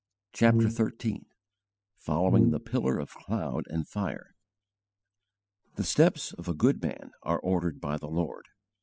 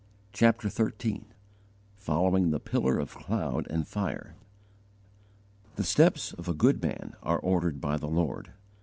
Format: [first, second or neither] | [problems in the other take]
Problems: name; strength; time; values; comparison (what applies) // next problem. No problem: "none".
second | noise reduction (classical method spectral subtraction)